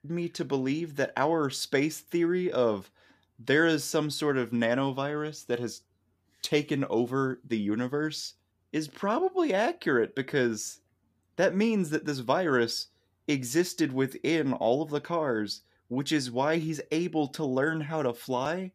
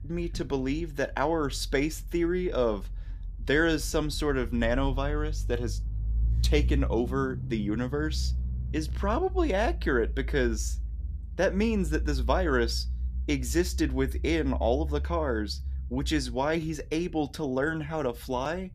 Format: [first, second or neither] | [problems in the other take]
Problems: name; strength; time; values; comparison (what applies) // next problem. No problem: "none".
first | low rumble; faint; throughout; 20 dB below the speech